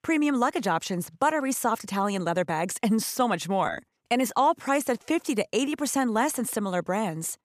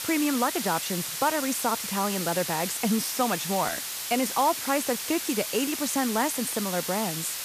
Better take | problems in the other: first | hiss; loud; throughout; 3 dB below the speech

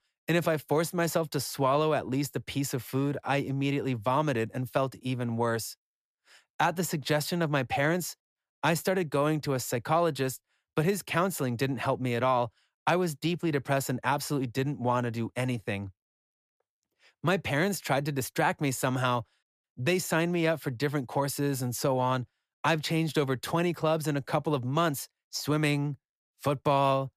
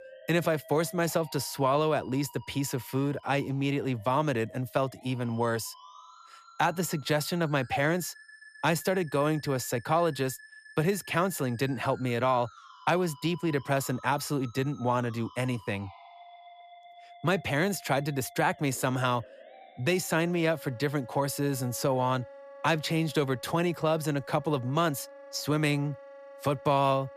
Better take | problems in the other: first | background music; faint; throughout; 20 dB below the speech

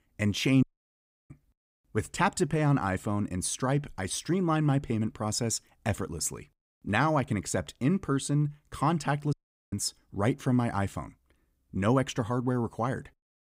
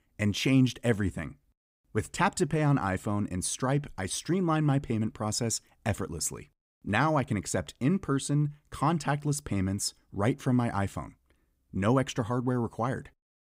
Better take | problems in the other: second | audio cutting out; at 0.5 s for 0.5 s and at 9.5 s

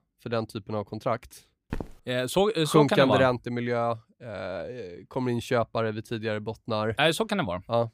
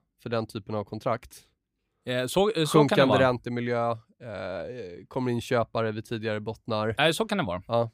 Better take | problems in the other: second | footsteps; faint; at 1.5 s; peak 10 dB below the speech

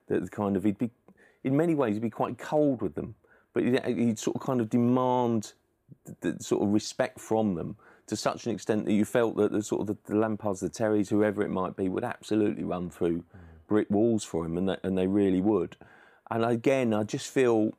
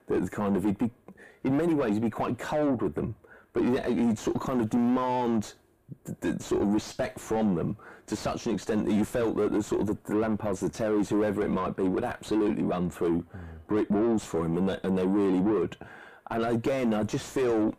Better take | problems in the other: first | distortion; heavy; 5 dB below the speech

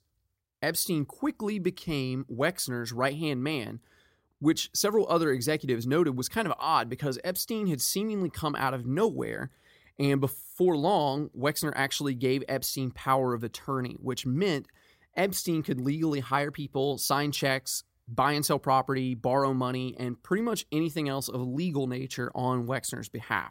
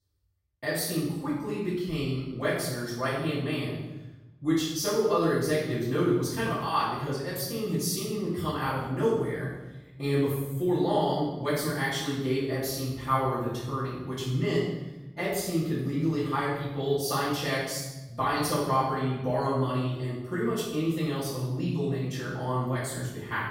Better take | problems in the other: first | off-mic speech; far // room echo; strong; dies away in 1.1 s

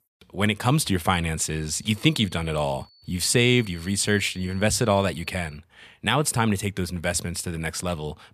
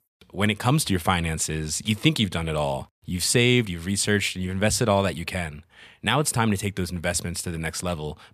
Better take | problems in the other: second | high-pitched whine; faint; from 1.5 to 5.5 s; 4.5 kHz, 25 dB below the speech

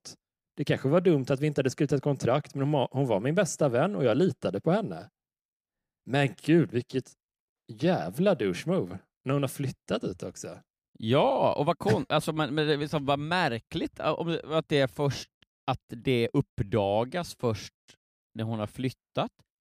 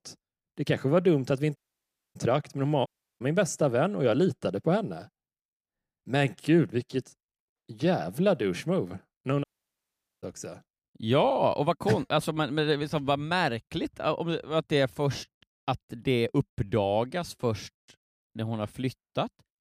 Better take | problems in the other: first | audio cutting out; at 1.5 s for 0.5 s, at 3 s and at 9.5 s for 1 s

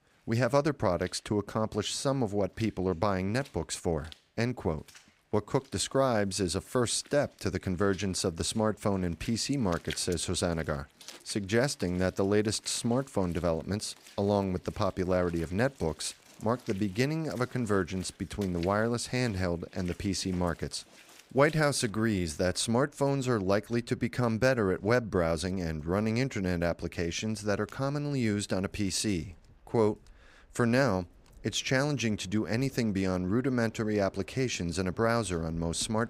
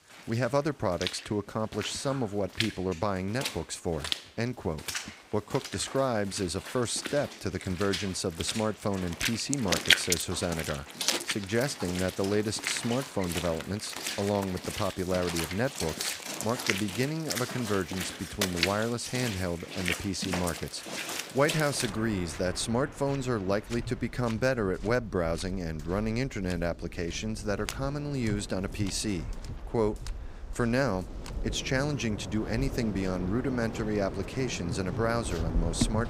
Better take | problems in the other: first | rain or running water; loud; throughout; 4 dB below the speech; faint in the first

